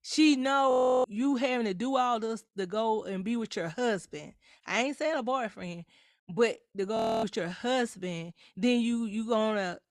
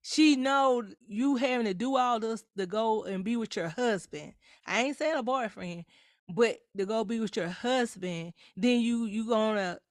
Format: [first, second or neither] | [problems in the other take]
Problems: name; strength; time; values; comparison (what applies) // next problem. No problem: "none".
second | audio freezing; at 0.5 s and at 7 s